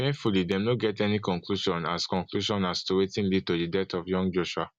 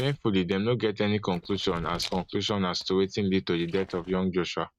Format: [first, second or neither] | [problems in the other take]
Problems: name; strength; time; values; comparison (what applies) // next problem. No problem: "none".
first | noise reduction (neural mask model RNNoise)